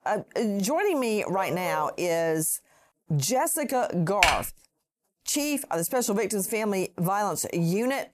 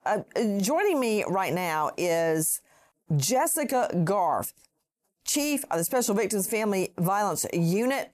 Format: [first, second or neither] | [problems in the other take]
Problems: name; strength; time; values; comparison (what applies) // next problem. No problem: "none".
second | dog barking; noticeable; at 1.5 s; peak 8 dB below the speech // keyboard typing; loud; at 4 s; peak 3 dB above the speech